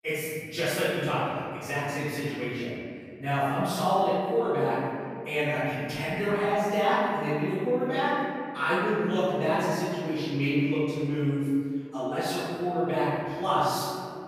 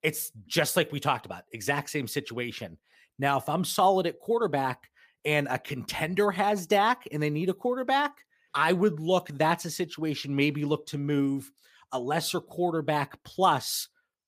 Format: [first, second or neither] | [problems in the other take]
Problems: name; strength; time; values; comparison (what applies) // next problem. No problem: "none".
second | off-mic speech; far // room echo; strong; dies away in 2.3 s